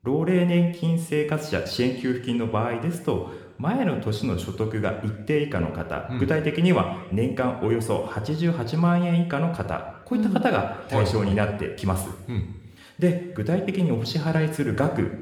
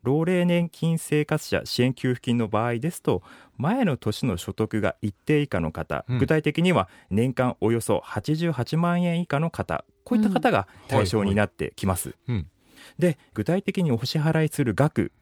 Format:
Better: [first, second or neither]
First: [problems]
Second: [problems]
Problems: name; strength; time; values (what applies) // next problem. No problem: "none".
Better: second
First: room echo; slight; dies away in 1 s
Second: none